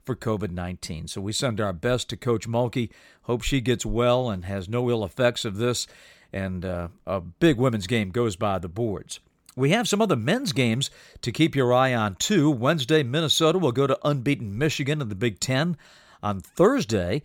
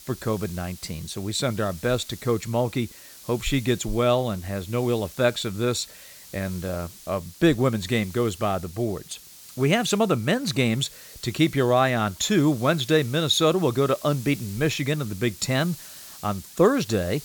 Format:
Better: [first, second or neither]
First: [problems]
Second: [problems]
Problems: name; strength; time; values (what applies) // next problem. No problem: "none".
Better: first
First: none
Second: hiss; noticeable; throughout; 20 dB below the speech